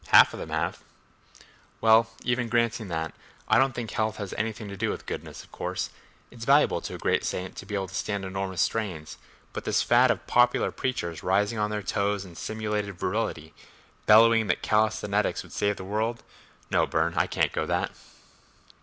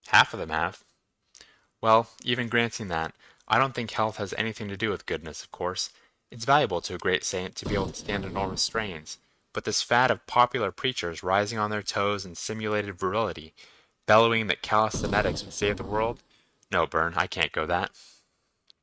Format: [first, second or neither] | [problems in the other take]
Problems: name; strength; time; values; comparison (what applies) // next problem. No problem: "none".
first | noise reduction (neural mask model RNNoise)